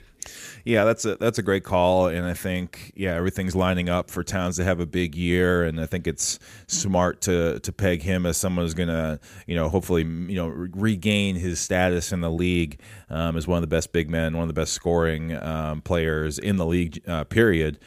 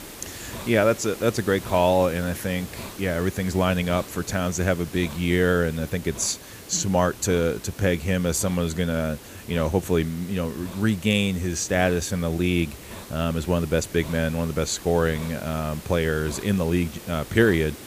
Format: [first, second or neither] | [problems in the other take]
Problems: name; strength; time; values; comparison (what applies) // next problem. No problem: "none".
first | hiss; noticeable; throughout; 15 dB below the speech